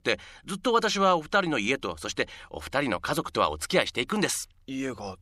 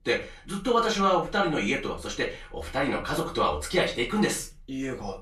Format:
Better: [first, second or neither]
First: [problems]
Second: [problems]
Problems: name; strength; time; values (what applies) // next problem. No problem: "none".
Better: first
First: none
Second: room echo; slight; dies away in 0.3 s // off-mic speech; far